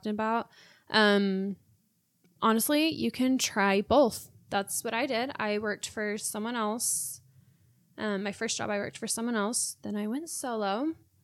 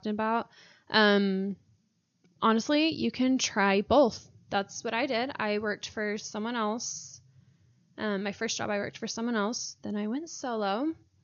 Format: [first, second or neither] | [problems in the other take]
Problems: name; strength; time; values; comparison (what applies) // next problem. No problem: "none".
first | garbled, watery; slightly; nothing above 6.5 kHz